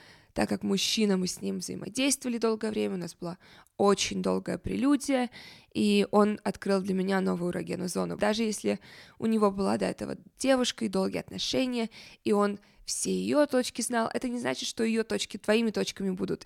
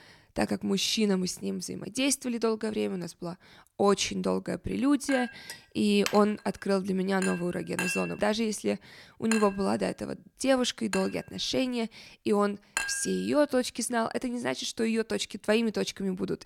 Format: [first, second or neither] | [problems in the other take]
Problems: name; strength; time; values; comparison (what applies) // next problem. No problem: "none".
first | clattering dishes; noticeable; from 5 to 13 s; peak 3 dB below the speech